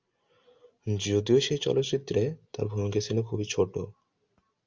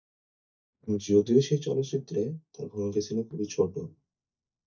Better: first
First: none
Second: noise reduction (neural mask model DeepFilterNet 3)

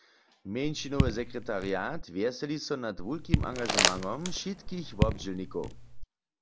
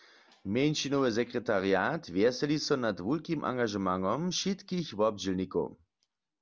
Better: second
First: background sound (Raindrop / Drip + Crumpling, crinkling); 3 dB above the speech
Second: none

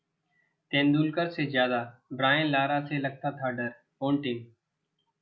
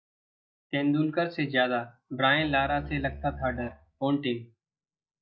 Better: first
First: none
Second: noise reduction (neural mask model DeepFilterNet 3)

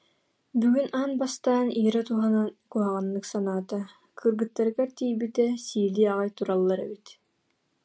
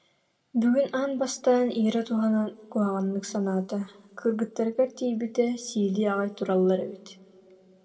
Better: first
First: none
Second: room echo; dies away in 1.5 s

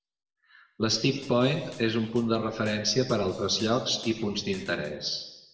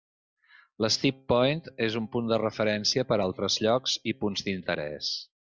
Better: second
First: noise reduction (neural separator model SepFormer DNS4)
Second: none

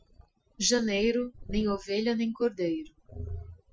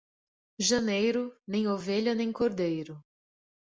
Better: second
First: noise reduction (classical method Wiener filter)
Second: none

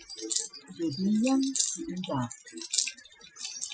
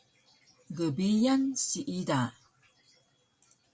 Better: second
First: noise reduction (classical method Wiener filter)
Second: none

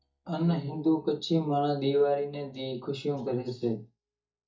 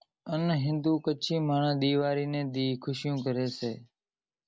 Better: second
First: noise reduction (neural mask model DeepFilterNet 3)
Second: none

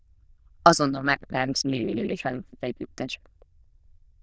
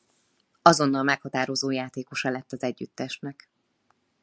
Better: second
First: noise reduction (neural diffusion model UNIVERSE++)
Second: none

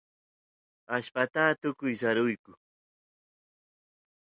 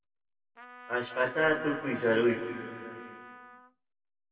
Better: first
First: none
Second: background sound (Trumpet); 17 dB below the speech // room echo; dies away in 2.2 s

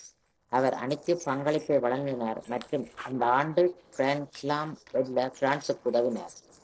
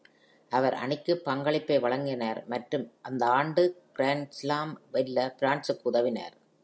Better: second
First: noise reduction (neural separator model SepFormer DNS4)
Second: none

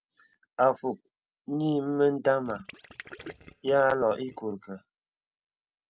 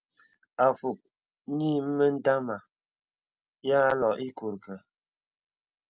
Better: second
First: background sound (Gurgling); 18 dB below the speech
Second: none

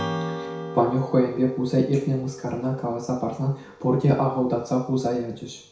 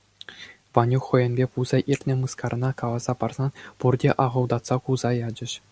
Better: second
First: background sound (Strum); 12 dB below the speech // room echo; dies away in 0.6 s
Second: none

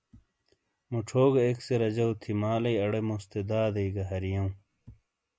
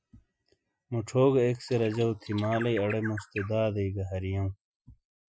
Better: first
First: none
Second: noise reduction (classical method Wiener filter)

